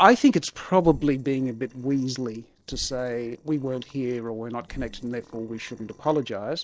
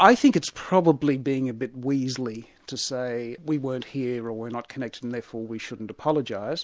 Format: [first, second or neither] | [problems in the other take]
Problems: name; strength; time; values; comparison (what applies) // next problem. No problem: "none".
second | noise reduction (neural separator model SepFormer DNS4)